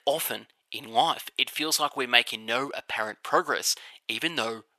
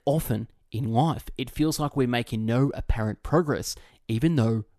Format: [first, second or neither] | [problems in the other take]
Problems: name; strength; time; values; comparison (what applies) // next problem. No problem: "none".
second | thin; very; fading below 800 Hz